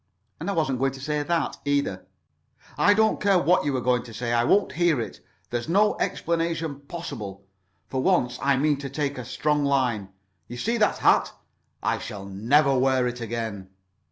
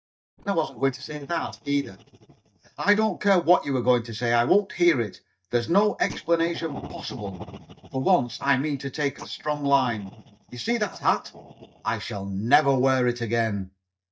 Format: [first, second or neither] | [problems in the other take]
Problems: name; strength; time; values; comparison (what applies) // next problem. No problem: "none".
first | noise reduction (neural mask model DeepFilterNet 3)